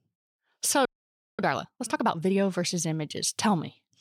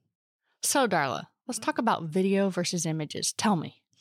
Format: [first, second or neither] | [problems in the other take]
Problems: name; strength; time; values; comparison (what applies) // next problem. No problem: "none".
second | audio freezing; at 1 s for 0.5 s